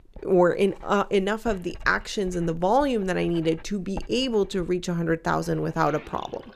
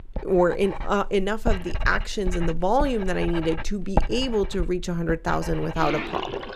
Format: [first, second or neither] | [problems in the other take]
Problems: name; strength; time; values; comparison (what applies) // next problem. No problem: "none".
first | household noises; loud; throughout; 8 dB below the speech; faint in the first